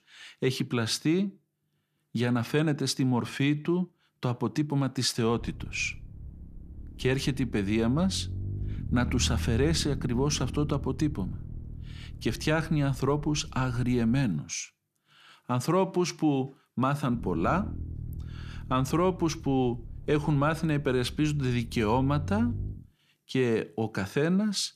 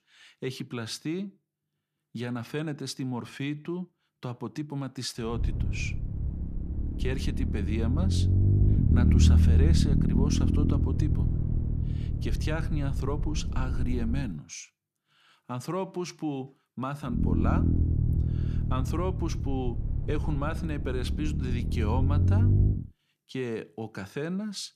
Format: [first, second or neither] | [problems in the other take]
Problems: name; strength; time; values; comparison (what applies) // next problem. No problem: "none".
first | low rumble; loud; from 5.5 to 14 s and from 17 to 23 s; 2 dB below the speech; faint in the first